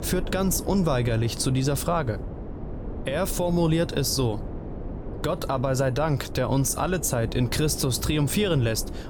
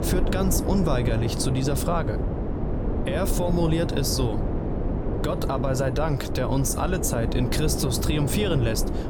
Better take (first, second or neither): first